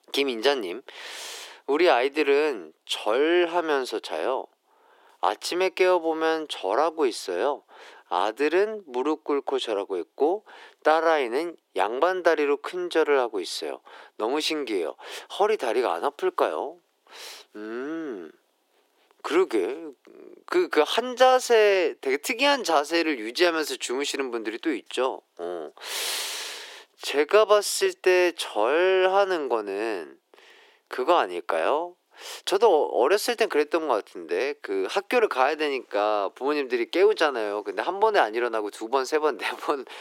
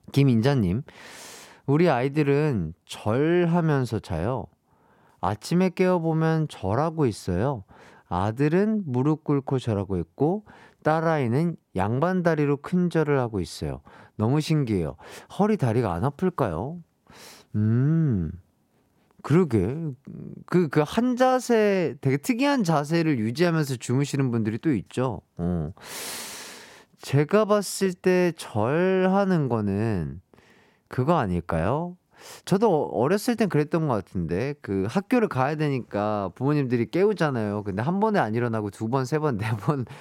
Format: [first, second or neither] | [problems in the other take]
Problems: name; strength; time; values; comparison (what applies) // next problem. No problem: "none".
second | thin; very; fading below 350 Hz